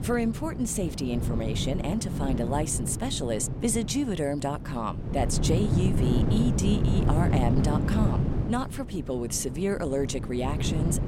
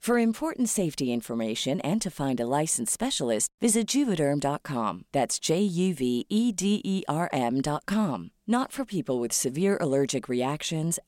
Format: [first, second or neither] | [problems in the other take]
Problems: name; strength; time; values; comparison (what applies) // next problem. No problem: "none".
second | wind noise on the microphone; heavy; 6 dB below the speech